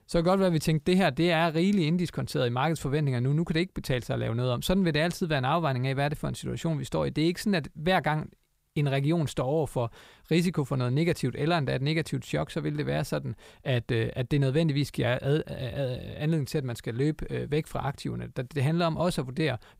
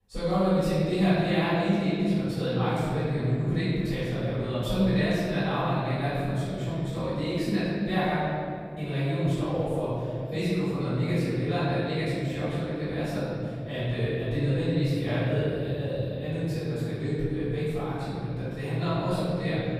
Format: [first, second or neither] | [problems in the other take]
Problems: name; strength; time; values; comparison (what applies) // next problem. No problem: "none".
first | off-mic speech; far // room echo; strong; dies away in 2.3 s